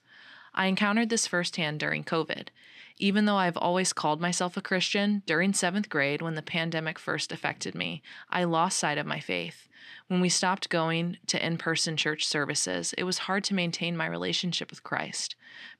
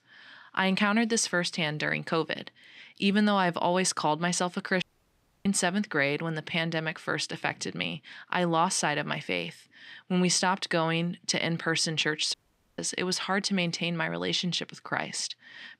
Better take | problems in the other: first | audio cutting out; at 5 s for 0.5 s and at 12 s

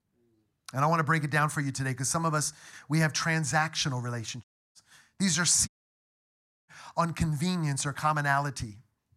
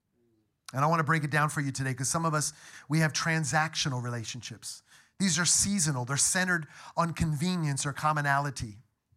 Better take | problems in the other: second | audio cutting out; at 4.5 s and at 5.5 s for 1 s

